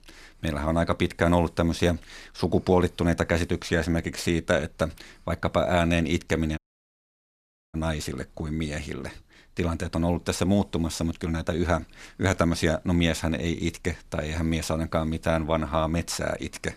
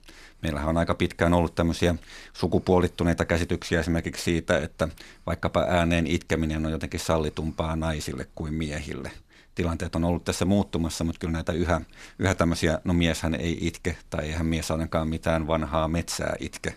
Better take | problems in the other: second | audio cutting out; at 6.5 s for 1 s

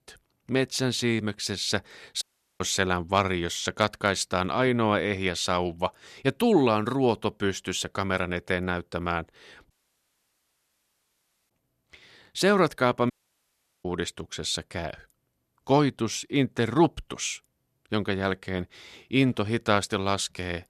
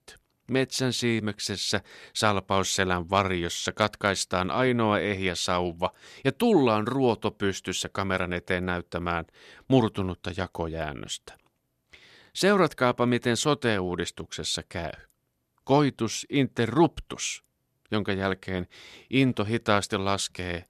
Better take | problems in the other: second | audio cutting out; at 2 s, at 9.5 s for 2 s and at 13 s for 0.5 s

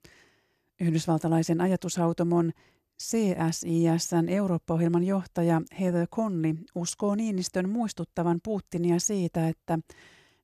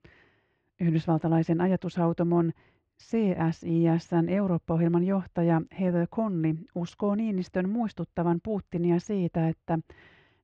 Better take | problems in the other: first | muffled; very; fading above 3 kHz

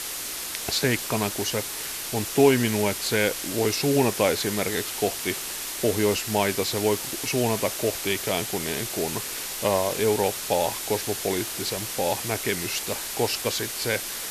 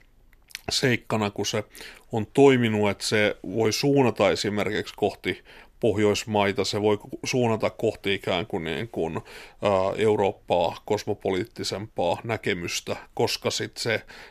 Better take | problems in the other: second | hiss; loud; throughout; 4 dB below the speech

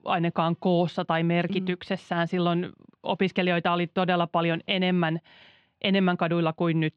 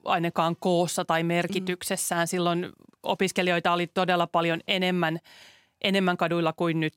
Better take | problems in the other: second | muffled; slightly; fading above 3.5 kHz

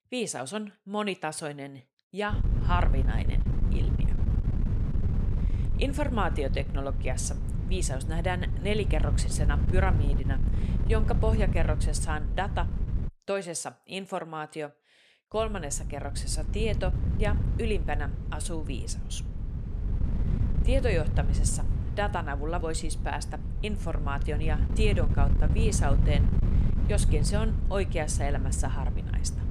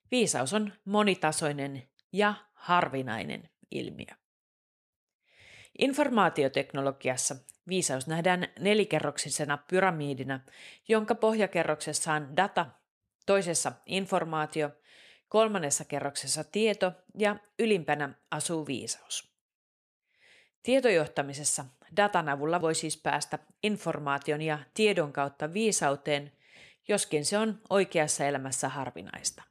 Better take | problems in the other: second | wind noise on the microphone; heavy; from 2.5 to 13 s and from 15 s on; 9 dB below the speech

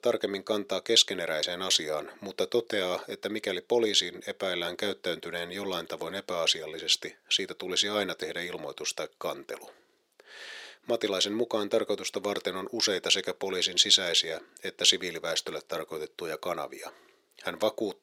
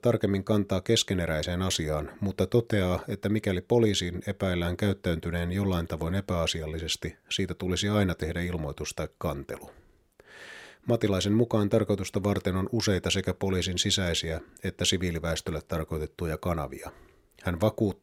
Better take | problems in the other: second | thin; somewhat; fading below 400 Hz

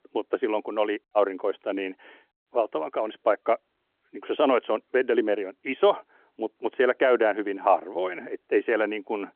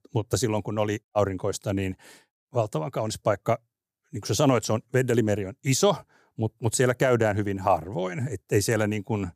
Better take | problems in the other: second | phone-call audio

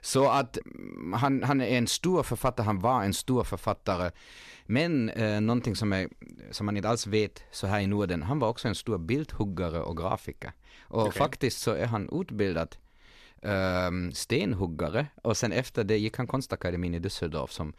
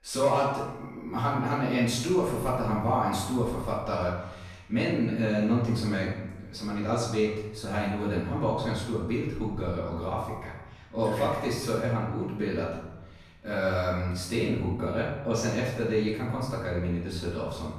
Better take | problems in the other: first | room echo; noticeable; dies away in 0.9 s // off-mic speech; far

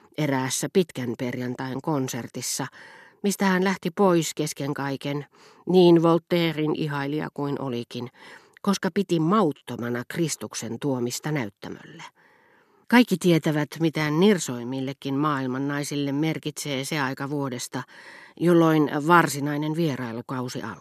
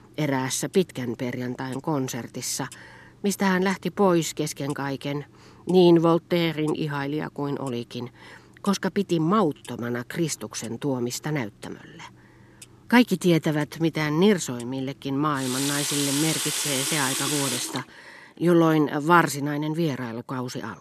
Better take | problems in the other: first | household noises; loud; throughout; 1 dB below the speech

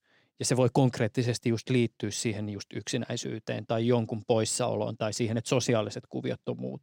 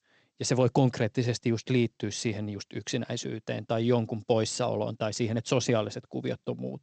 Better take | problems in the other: first | garbled, watery; slightly; nothing above 8 kHz

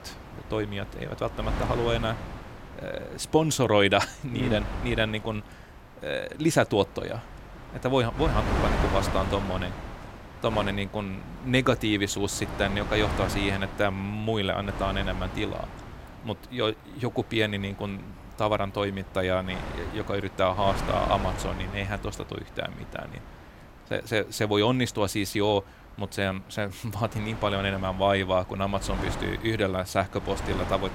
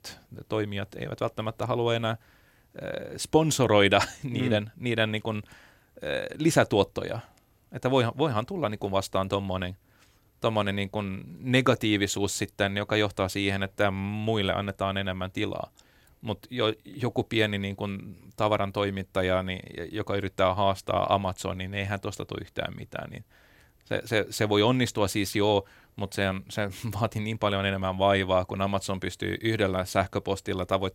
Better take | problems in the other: second | wind noise on the microphone; heavy; 10 dB below the speech

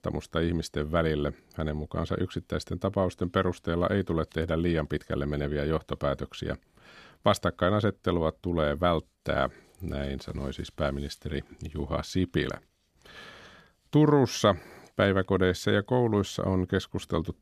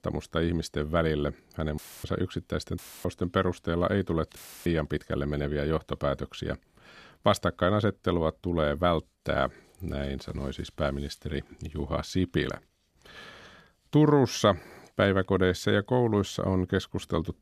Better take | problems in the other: first | audio cutting out; filled with static; at 2 s, at 3 s and at 4.5 s

